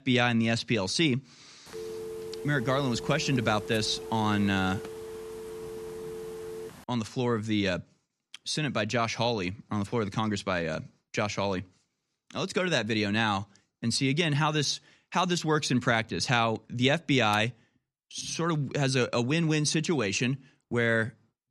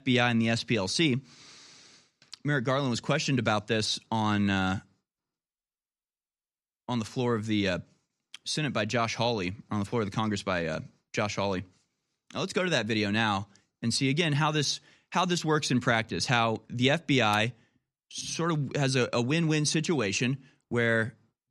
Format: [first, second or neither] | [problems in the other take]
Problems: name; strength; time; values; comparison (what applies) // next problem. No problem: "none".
second | phone ringing; faint; from 1.5 to 7 s; peak 10 dB below the speech